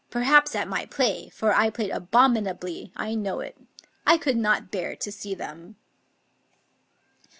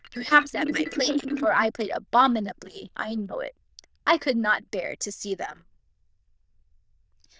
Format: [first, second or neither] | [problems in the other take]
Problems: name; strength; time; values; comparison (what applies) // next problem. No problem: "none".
first | noise reduction (neural diffusion model UNIVERSE++)